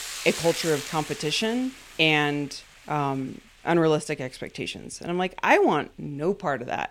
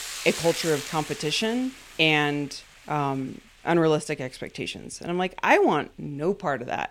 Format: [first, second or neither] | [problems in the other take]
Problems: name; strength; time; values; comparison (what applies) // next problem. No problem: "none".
neither | hiss; noticeable; throughout; 10 dB below the speech; the same in both